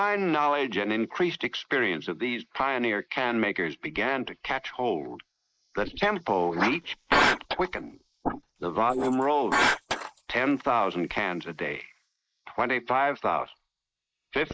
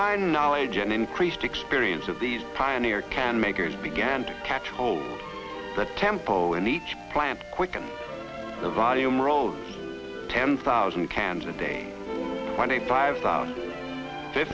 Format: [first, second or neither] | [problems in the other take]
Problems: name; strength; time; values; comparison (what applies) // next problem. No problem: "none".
second | noise reduction (neural mask model Resemble Enhance denoiser)